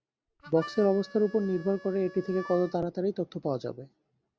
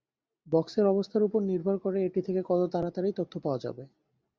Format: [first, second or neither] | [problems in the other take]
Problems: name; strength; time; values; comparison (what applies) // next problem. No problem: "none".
second | background sound (Harmonica); 18 dB below the speech